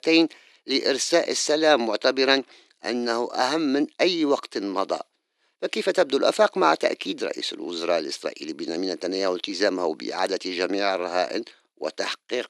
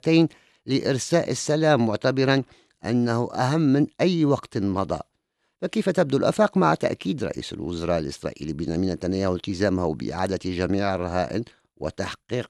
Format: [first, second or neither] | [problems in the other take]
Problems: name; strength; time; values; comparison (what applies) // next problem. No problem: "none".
second | thin; somewhat; fading below 300 Hz